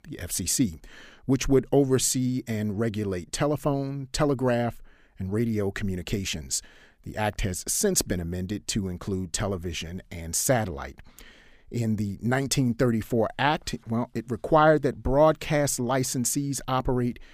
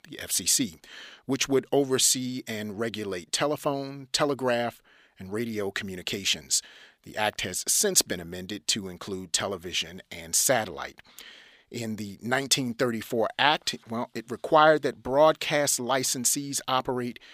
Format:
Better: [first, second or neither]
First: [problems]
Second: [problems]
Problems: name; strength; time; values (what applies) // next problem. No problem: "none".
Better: first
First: none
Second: thin; very slightly; fading below 550 Hz